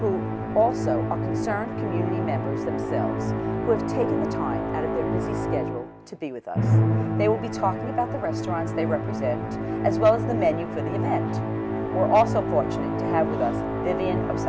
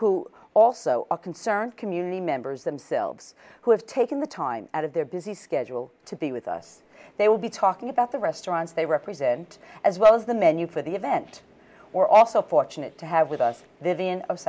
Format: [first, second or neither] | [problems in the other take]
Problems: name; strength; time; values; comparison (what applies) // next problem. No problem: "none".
second | background sound (Musical instrument); 1 dB above the speech